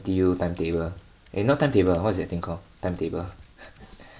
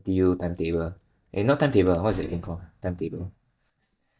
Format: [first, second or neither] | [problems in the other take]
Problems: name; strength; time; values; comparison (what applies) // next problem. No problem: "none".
first | noise reduction (neural mask model DeepFilterNet 3)